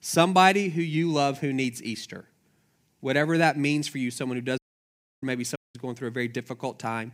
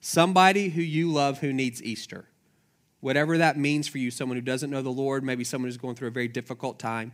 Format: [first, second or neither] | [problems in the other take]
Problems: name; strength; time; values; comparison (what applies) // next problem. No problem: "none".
second | audio cutting out; at 4.5 s for 0.5 s and at 5.5 s